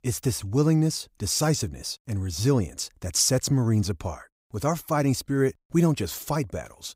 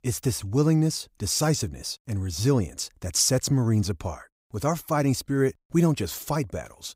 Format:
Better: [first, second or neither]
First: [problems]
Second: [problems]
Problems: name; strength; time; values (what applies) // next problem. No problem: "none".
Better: neither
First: none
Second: none